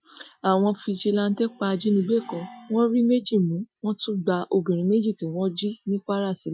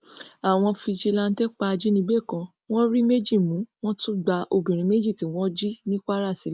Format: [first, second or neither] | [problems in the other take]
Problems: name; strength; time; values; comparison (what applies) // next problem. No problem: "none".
second | noise reduction (classical method Wiener filter)